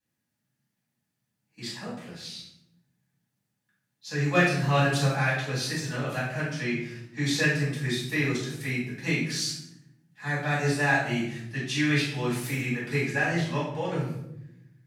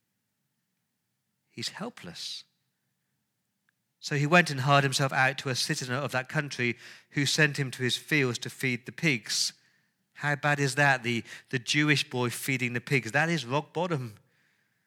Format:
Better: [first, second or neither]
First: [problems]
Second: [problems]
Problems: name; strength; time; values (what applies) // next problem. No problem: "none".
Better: second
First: room echo; noticeable; dies away in 0.8 s // off-mic speech; far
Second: none